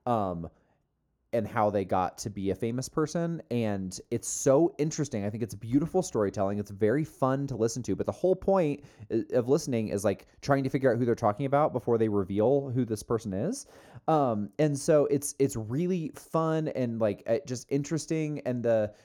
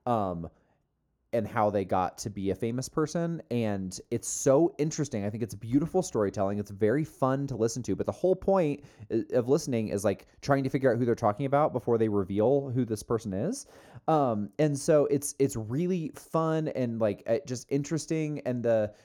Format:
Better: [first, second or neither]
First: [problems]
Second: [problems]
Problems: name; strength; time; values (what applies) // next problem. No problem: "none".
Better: neither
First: muffled; slightly; fading above 1.5 kHz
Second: muffled; slightly; fading above 1.5 kHz